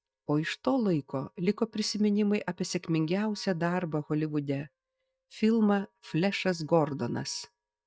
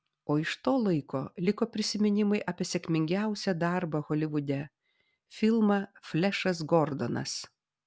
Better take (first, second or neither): second